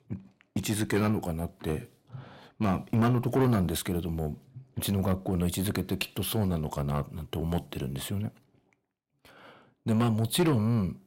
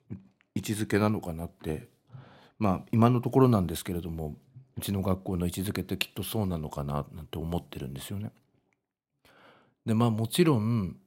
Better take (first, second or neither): second